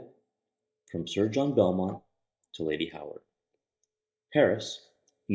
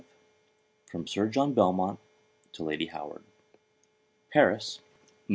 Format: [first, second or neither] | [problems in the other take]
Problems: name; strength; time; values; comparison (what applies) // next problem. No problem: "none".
second | noise reduction (neural mask model DeepFilterNet 3)